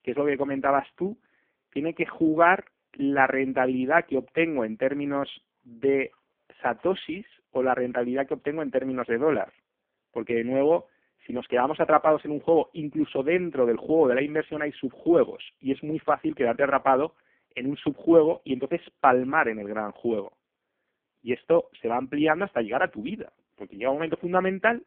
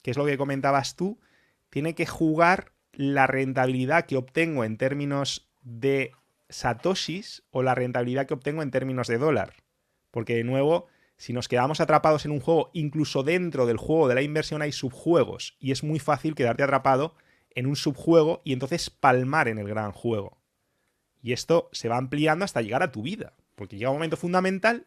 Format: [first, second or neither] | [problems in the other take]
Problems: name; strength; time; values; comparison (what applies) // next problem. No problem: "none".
second | phone-call audio; poor line